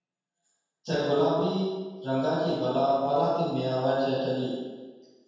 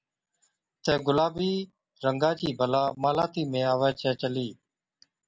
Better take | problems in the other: second | room echo; dies away in 1.2 s

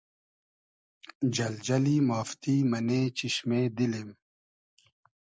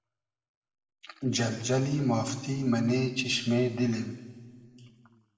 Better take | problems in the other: first | room echo; dies away in 2.1 s

